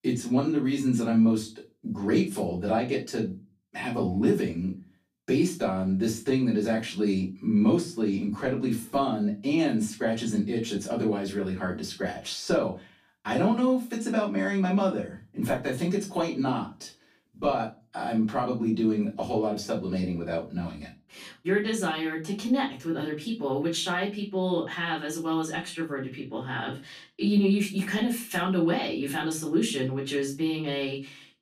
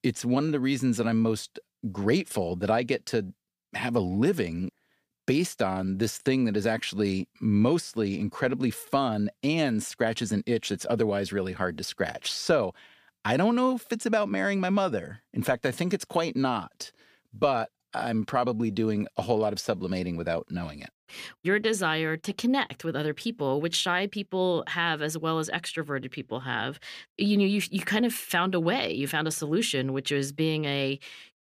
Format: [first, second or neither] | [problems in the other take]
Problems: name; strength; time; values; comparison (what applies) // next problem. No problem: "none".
second | room echo; slight; dies away in 0.3 s // off-mic speech; far